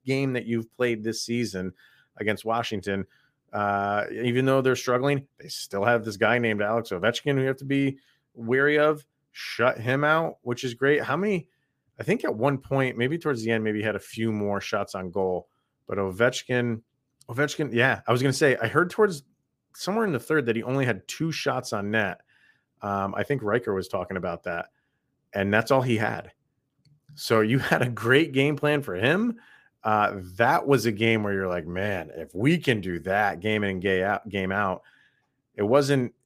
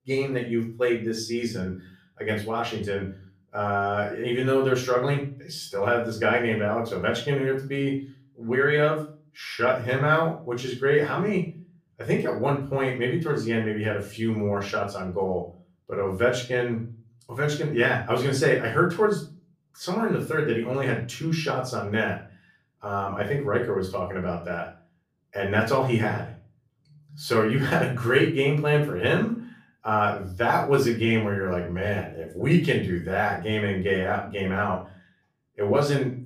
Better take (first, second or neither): first